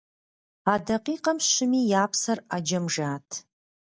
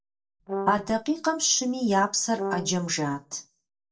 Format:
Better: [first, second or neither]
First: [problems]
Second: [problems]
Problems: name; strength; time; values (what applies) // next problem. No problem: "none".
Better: first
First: none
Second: noise reduction (neural separator model SepFormer DNS4)